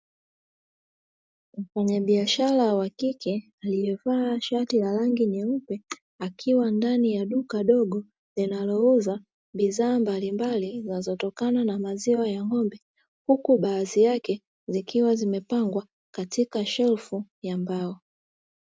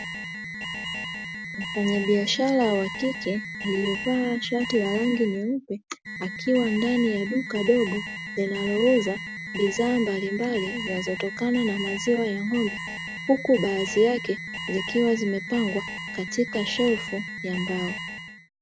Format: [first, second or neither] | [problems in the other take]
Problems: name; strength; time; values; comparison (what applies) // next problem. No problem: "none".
first | background sound (Alarm); 8 dB below the speech